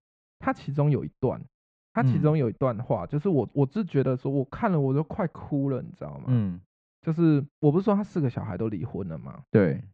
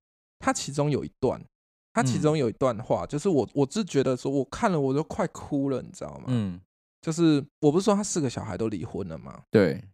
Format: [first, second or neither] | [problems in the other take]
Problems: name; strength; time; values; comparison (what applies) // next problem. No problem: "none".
second | muffled; very; fading above 2.5 kHz